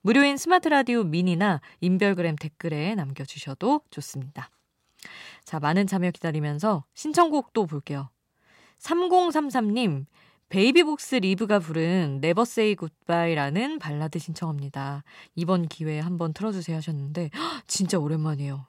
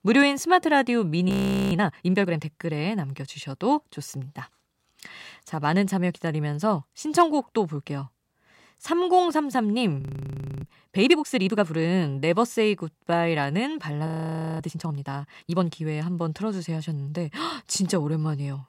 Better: first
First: none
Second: audio freezing; at 1.5 s, at 10 s for 0.5 s and at 14 s for 0.5 s

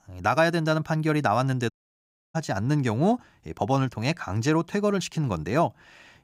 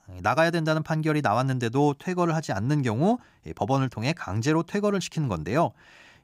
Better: second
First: audio cutting out; at 1.5 s for 0.5 s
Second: none

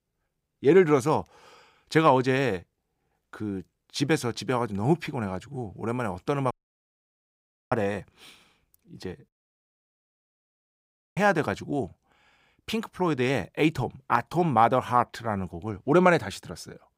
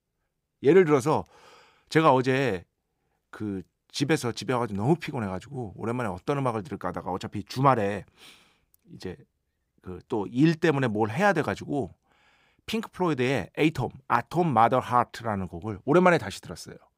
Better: second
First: audio cutting out; at 6.5 s for 1 s and at 9.5 s for 2 s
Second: none

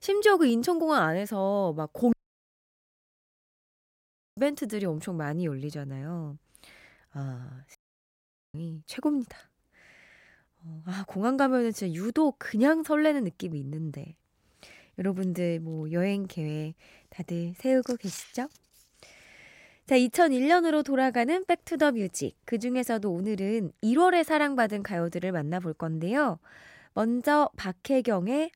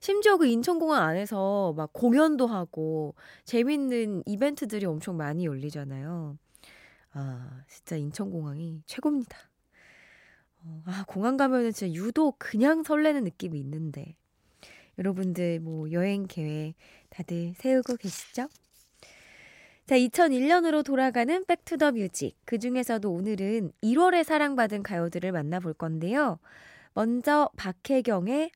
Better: second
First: audio cutting out; at 2 s for 2 s and at 8 s for 1 s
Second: none

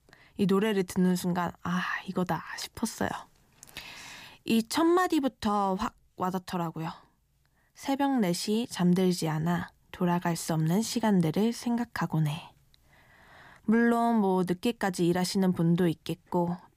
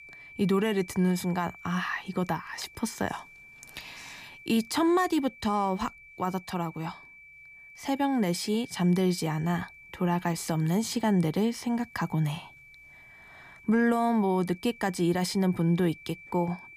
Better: first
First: none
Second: high-pitched whine; faint; throughout; 2.5 kHz, 20 dB below the speech

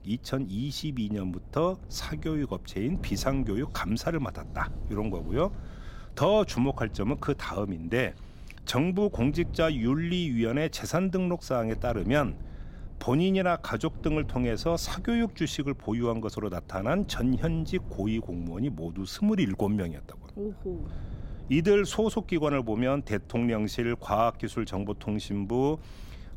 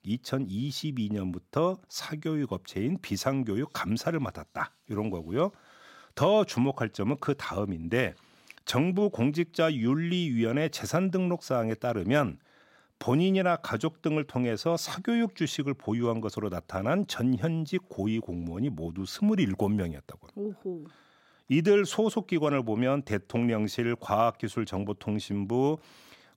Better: second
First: wind noise on the microphone; occasional gusts; 25 dB below the speech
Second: none

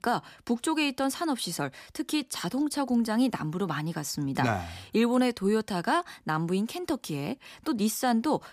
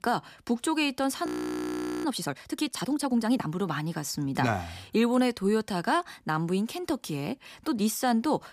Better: first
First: none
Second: audio freezing; at 1.5 s for 1 s

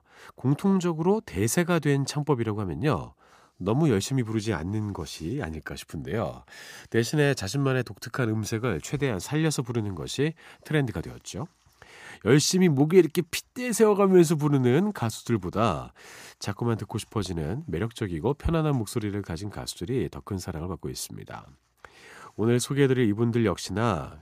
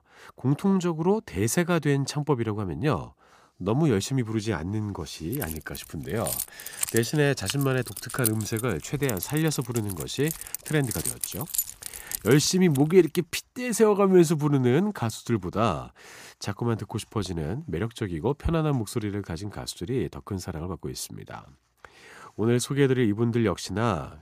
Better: first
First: none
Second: jangling keys; noticeable; from 5.5 to 13 s; peak 2 dB below the speech

